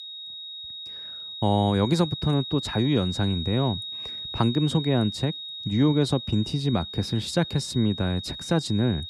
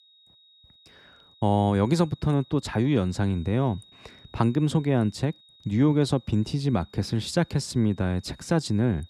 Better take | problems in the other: second | high-pitched whine; loud; throughout; 4 kHz, 9 dB below the speech; faint in the second

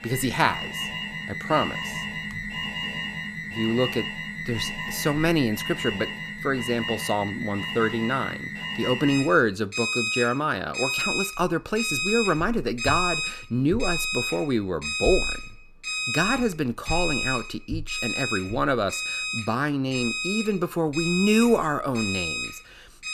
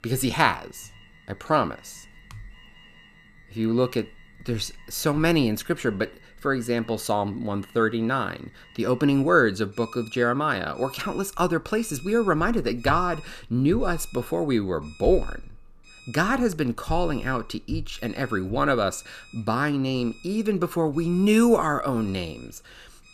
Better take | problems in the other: second | alarms or sirens; loud; throughout; 3 dB below the speech; faint in the second

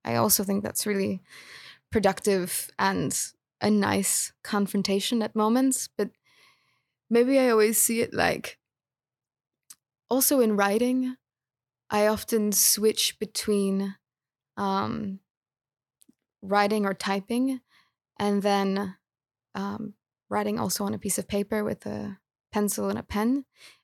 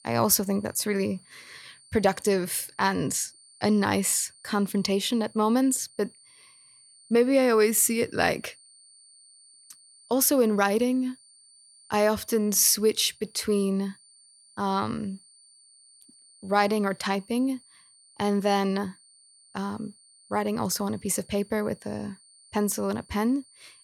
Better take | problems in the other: first | high-pitched whine; faint; throughout; 9 kHz, 25 dB below the speech

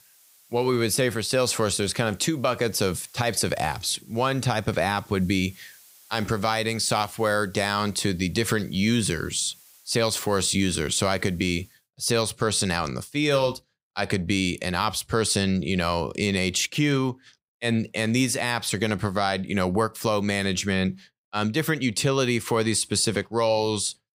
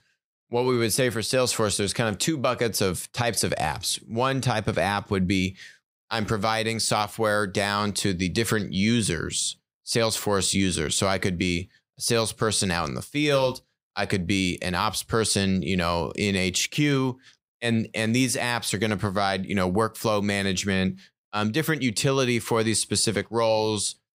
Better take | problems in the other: second | hiss; faint; until 12 s; 25 dB below the speech

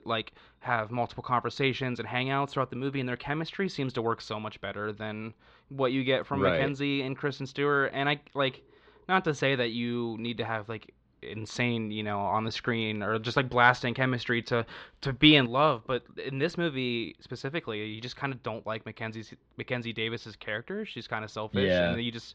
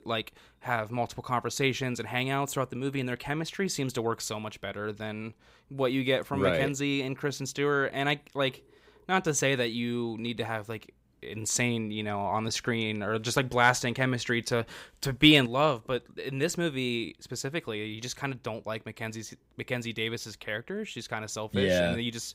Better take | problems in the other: second | muffled; slightly; fading above 4 kHz

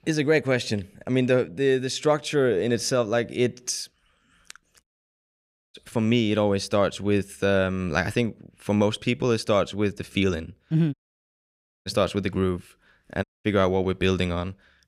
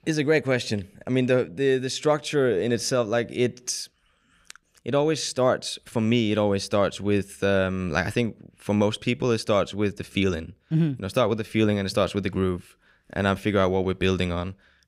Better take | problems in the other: second | audio cutting out; at 5 s for 1 s, at 11 s for 1 s and at 13 s

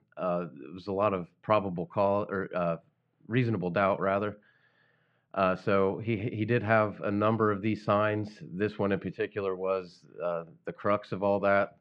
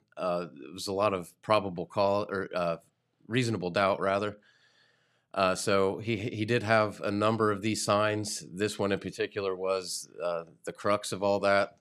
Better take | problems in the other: second | muffled; very; fading above 2.5 kHz

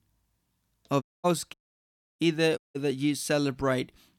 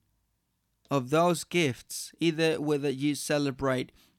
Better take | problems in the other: second | audio cutting out; at 1 s, at 1.5 s for 0.5 s and at 2.5 s

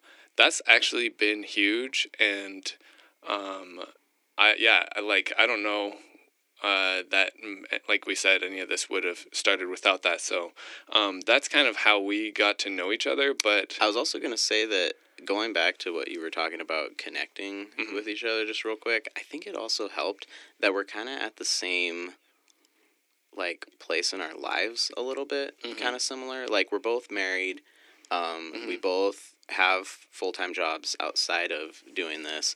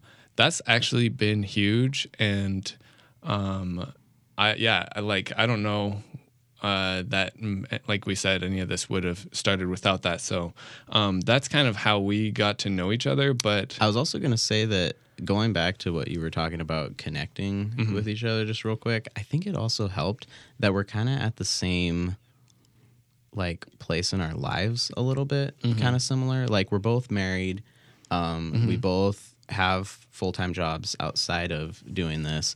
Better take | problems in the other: second | thin; very; fading below 300 Hz

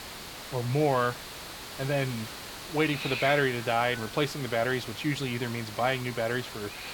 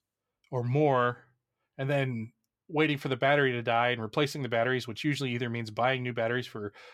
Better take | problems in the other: second | hiss; loud; throughout; 9 dB below the speech

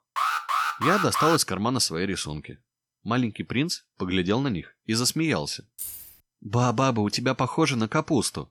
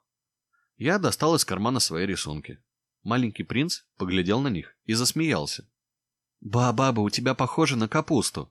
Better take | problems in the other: second | alarm; loud; until 1.5 s; peak 1 dB above the speech // jangling keys; noticeable; at 6 s; peak 10 dB below the speech

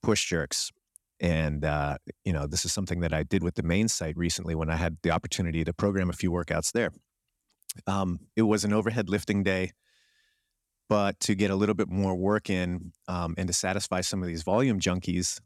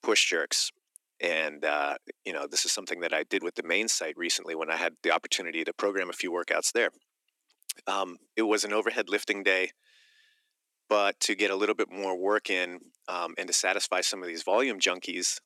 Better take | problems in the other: first | thin; very; fading below 300 Hz

